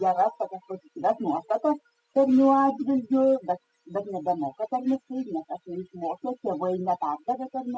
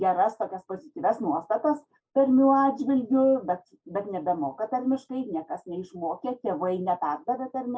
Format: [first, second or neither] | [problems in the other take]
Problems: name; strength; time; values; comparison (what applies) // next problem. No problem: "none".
second | noise reduction (classical method spectral subtraction)